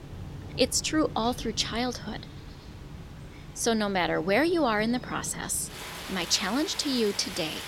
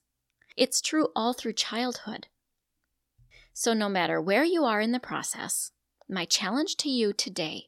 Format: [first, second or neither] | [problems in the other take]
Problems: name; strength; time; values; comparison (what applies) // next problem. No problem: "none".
second | rain or running water; noticeable; throughout; 15 dB below the speech